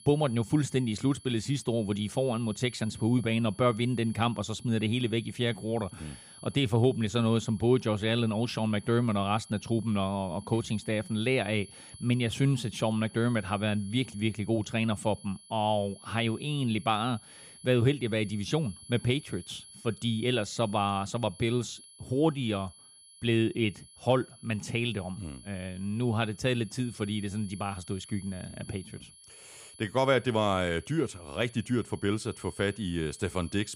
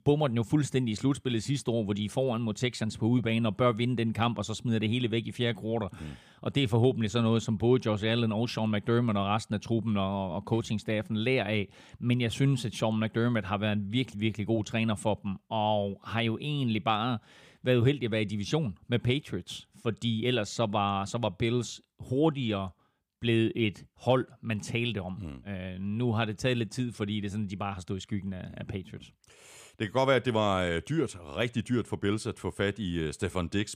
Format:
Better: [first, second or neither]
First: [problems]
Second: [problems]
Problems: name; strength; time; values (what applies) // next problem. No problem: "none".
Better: second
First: high-pitched whine; noticeable; throughout; 10.5 kHz, 20 dB below the speech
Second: none